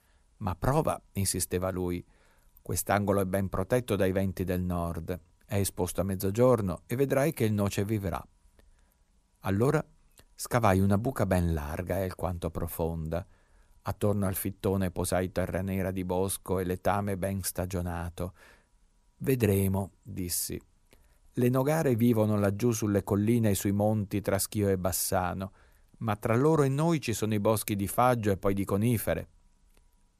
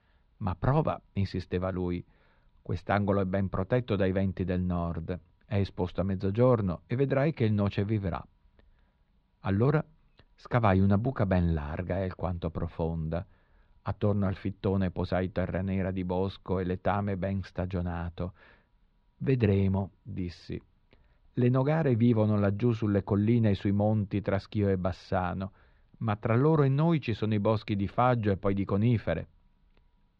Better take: first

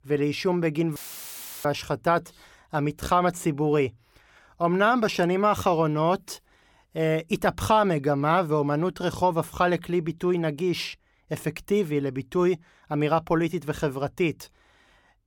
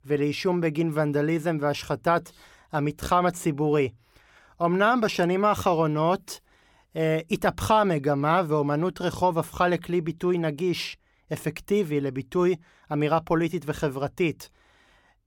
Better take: second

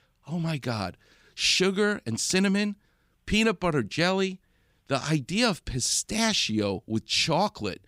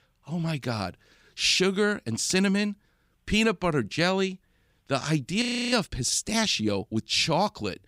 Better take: first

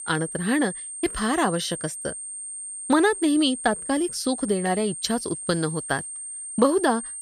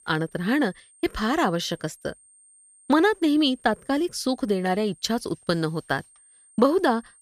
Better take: second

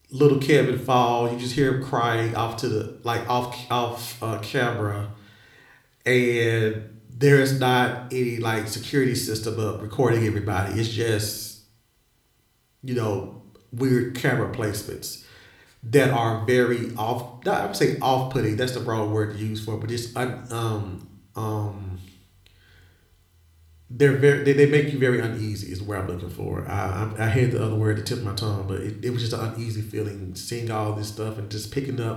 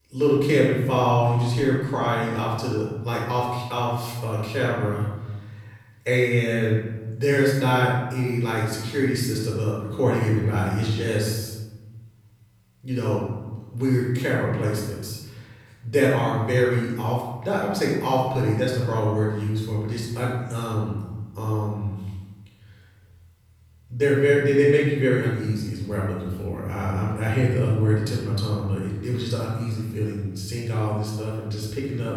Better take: first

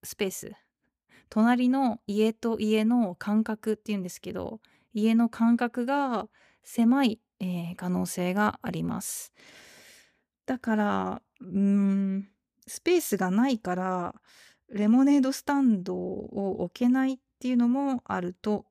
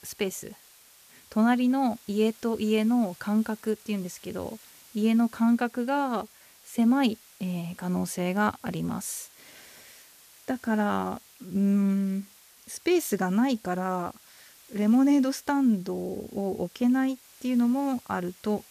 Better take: first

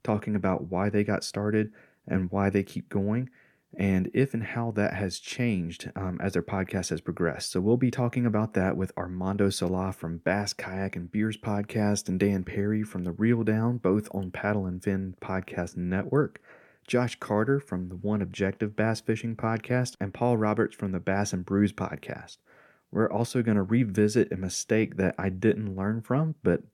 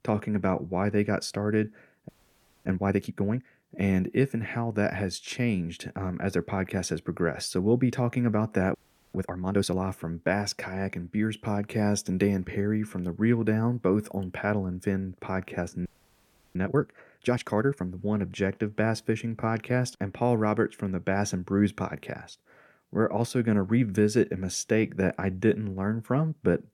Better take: first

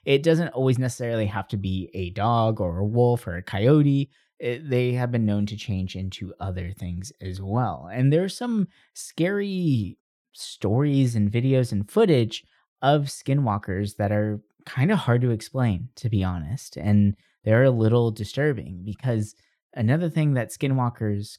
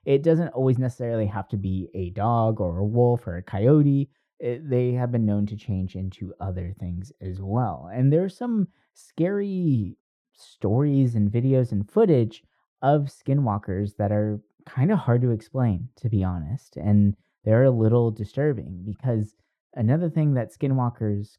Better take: first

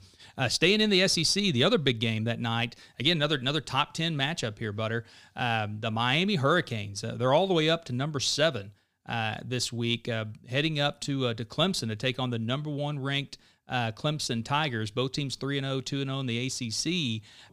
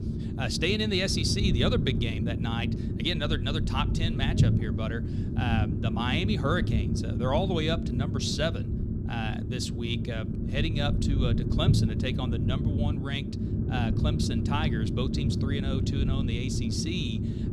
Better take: first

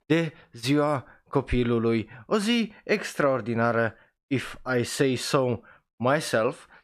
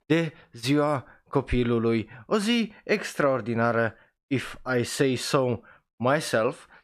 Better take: neither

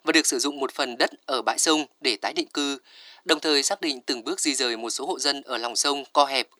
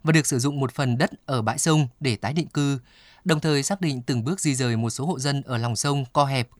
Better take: second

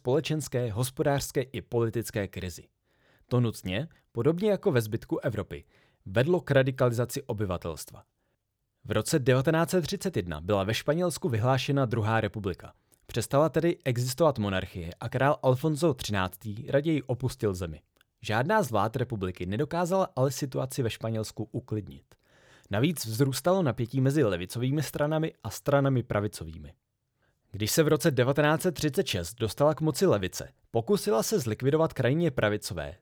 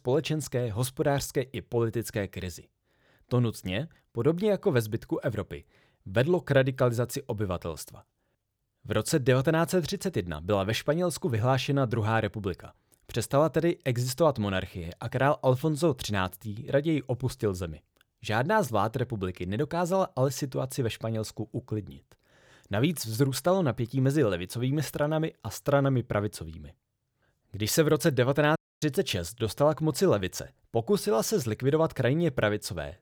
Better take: first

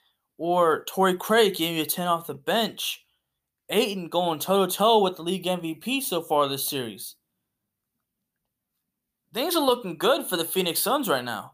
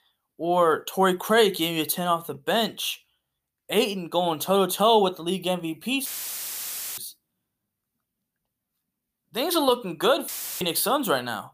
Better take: first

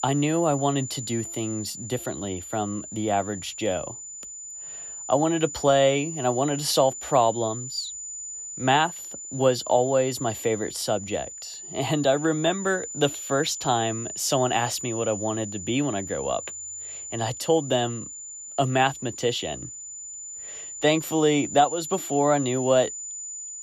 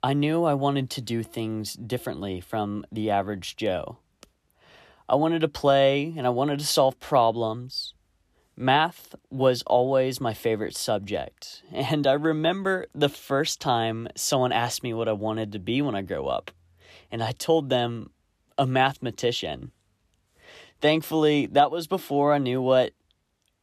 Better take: second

